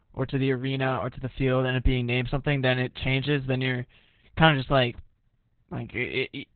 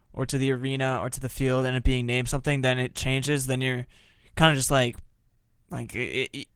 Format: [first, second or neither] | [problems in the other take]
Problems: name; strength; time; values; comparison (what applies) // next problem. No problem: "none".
second | garbled, watery; badly; nothing above 4 kHz; slightly in the second